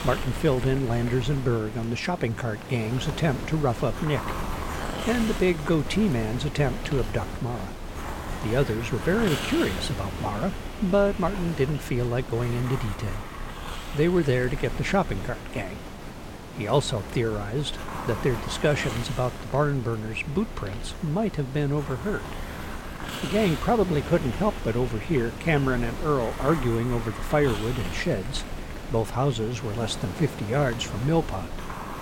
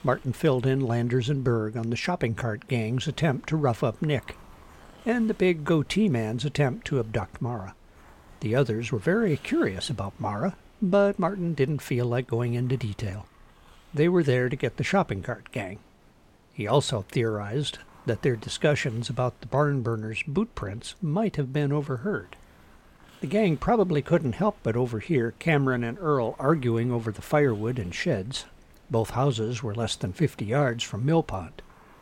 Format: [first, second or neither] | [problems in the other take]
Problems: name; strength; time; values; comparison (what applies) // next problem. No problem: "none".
second | hiss; loud; throughout; 9 dB below the speech; faint in the second